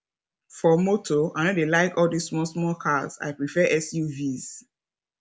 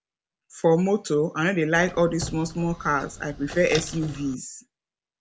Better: first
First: none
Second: background sound (Squeak); 12 dB below the speech

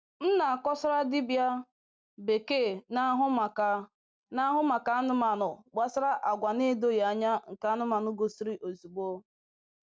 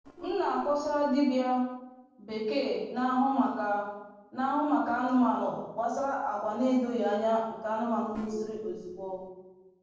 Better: first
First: none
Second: noise reduction (neural separator model SepFormer DNS4)

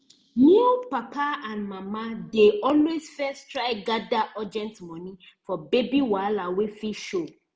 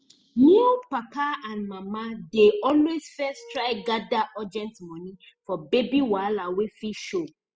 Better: first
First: none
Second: noise reduction (classical method spectral subtraction)

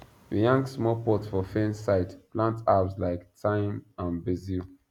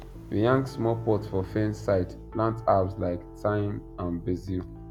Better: first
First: none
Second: background sound (Piano); 15 dB below the speech

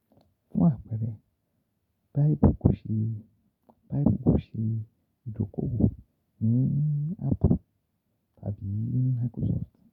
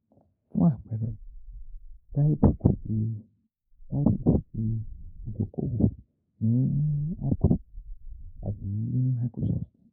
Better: first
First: none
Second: noise reduction (neural mask model Resemble Enhance denoiser)

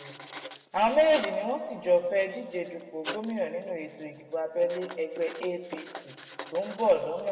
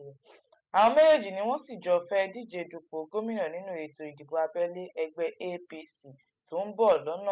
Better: second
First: background sound (Writing); 16 dB below the speech // room echo; dies away in 1.5 s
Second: none

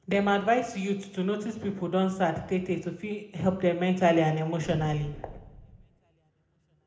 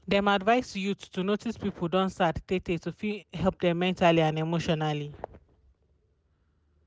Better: second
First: background sound (Boom); 17 dB below the speech // room echo; dies away in 0.7 s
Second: none

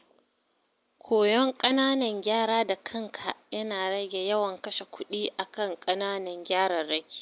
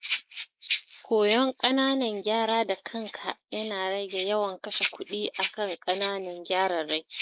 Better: first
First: none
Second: noise reduction (neural mask model Resemble Enhance denoiser)

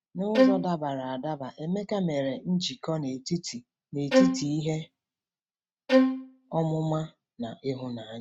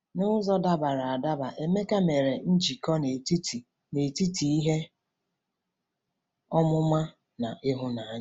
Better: second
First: noise reduction (neural mask model RNNoise)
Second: none

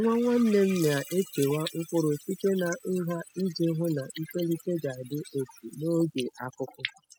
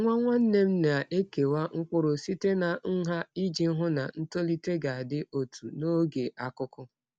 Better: second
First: noise reduction (classical method spectral subtraction)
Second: none

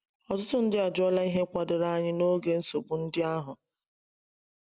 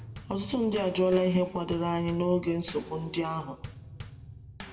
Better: first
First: none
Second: background sound (Bass drum / Snare drum / Drum kit); 15 dB below the speech // room echo; dies away in 0.6 s

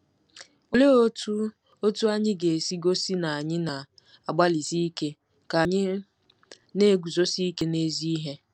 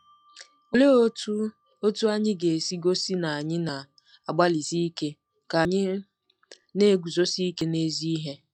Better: first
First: none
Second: noise reduction (classical method log-MMSE)

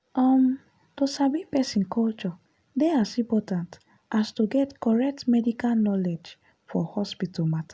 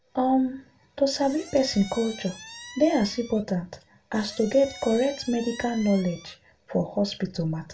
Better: first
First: none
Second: background sound (Squeak); 17 dB below the speech // room echo; dies away in 0.2 s

